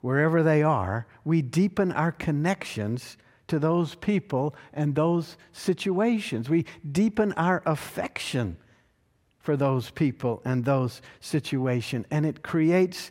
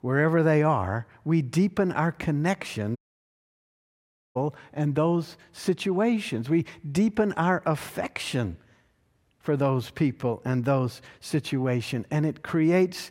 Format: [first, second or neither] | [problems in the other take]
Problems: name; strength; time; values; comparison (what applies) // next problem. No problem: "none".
first | audio cutting out; at 3 s for 1.5 s